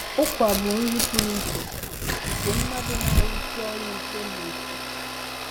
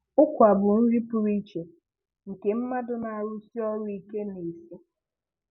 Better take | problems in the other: second | background sound (Domestic sounds, home sounds + Tearing); 2 dB above the speech

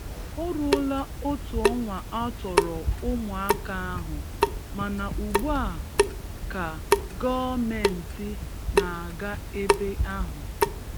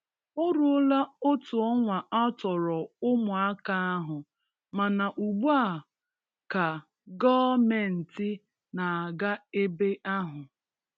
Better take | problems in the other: second | background sound (Drip / Sink (filling or washing) / Water tap, faucet); 3 dB above the speech

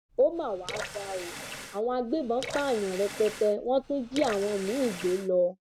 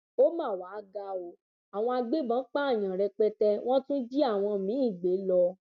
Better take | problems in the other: second | background sound (Water tap, faucet / Water); 12 dB below the speech

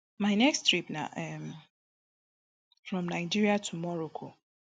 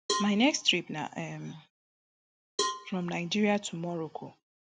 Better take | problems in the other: first | background sound (Cowbell); 8 dB below the speech

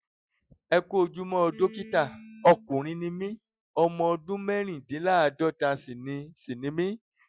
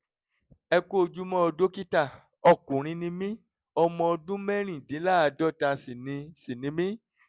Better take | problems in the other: second | noise reduction (classical method Wiener filter)

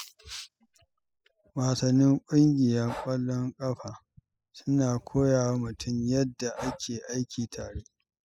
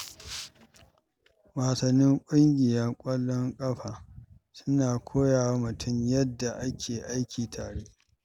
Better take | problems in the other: second | noise reduction (classical method spectral subtraction)

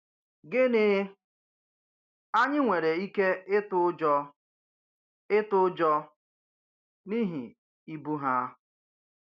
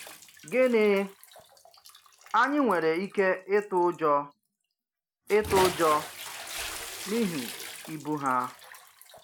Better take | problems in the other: first | background sound (Bathtub (filling or washing) / Splash, splatter); 12 dB below the speech

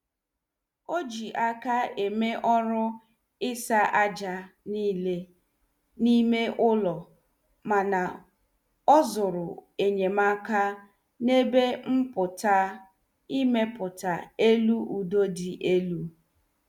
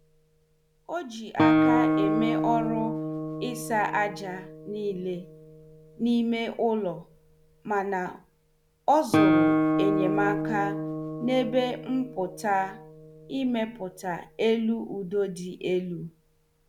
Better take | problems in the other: first | background sound (Guitar); as loud as the speech

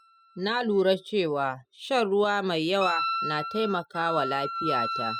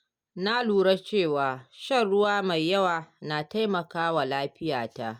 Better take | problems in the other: second | noise reduction (classical method spectral subtraction)

